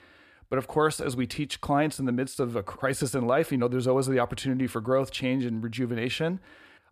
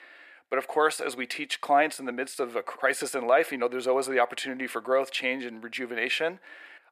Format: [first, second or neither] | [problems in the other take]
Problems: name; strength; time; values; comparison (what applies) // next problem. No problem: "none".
first | thin; somewhat; fading below 350 Hz